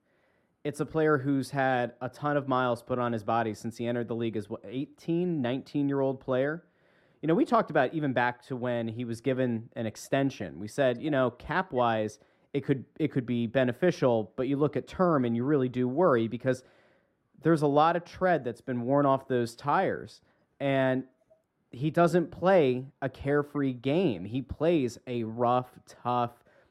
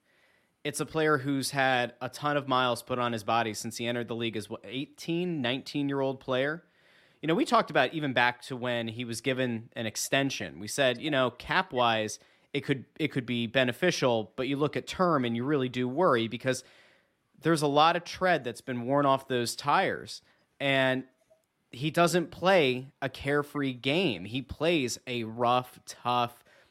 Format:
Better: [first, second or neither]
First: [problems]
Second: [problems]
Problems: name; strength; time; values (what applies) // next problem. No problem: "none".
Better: second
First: muffled; slightly; fading above 1 kHz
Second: none